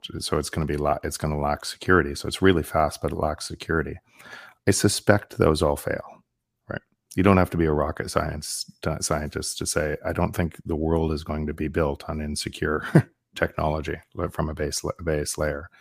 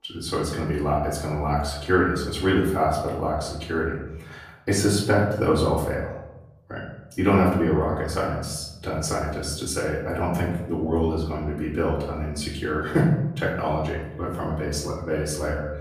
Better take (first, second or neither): first